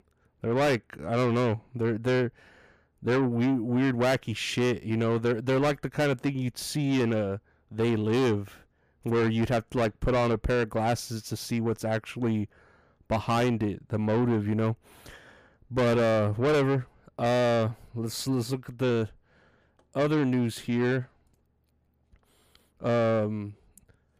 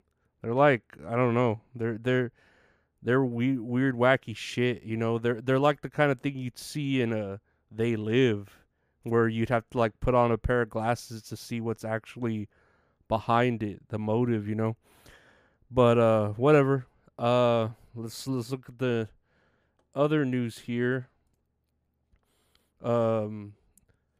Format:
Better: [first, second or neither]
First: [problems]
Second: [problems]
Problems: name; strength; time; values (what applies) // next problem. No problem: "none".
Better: second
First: distortion; heavy; 7 dB below the speech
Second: none